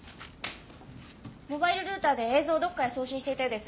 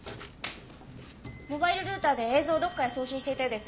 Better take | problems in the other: first | background sound (Clock); 17 dB below the speech

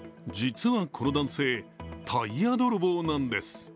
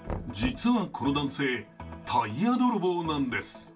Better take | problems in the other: first | background sound (Knock); 14 dB below the speech // room echo; dies away in 0.2 s

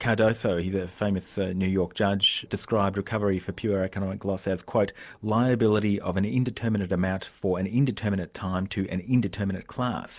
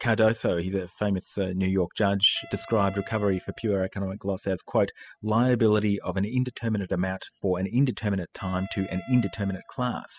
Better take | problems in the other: first | noise reduction (classical method spectral subtraction)

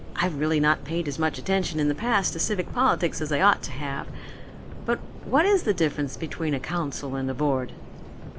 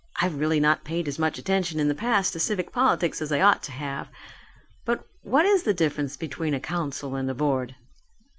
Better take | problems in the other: second | background sound (Subway, metro, underground + Subway, metro, underground); 10 dB below the speech

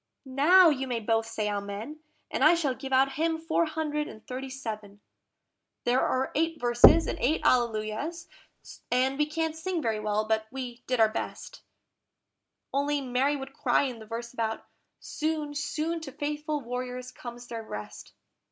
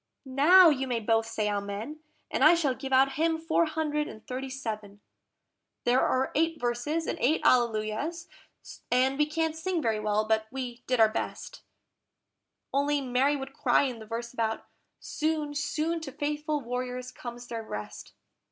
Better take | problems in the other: second | background sound (Knock); 3 dB above the speech

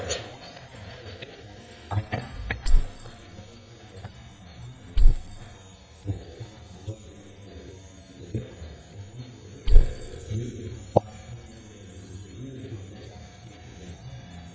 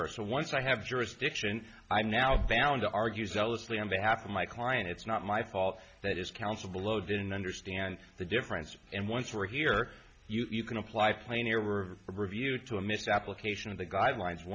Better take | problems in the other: second | noise reduction (neural mask model DeepFilterNet 3)

